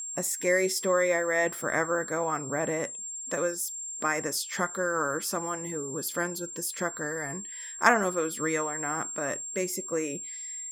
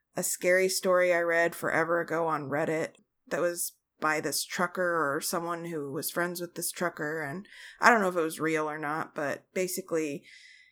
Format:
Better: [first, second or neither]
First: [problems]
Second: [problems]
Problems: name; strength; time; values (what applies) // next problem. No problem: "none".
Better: second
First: high-pitched whine; loud; throughout; 7.5 kHz, 7 dB below the speech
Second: none